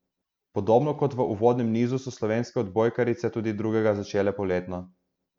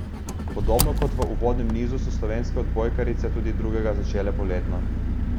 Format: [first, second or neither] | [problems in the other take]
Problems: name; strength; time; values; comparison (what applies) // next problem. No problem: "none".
first | background sound (Engine); 5 dB above the speech